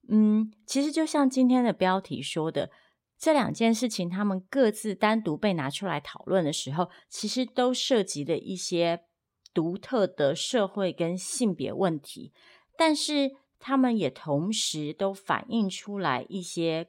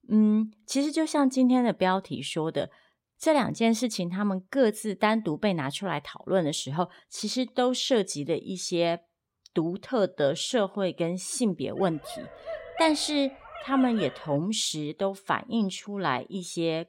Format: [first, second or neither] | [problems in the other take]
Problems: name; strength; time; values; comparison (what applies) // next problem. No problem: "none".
first | dog barking; noticeable; from 12 to 14 s; peak 9 dB below the speech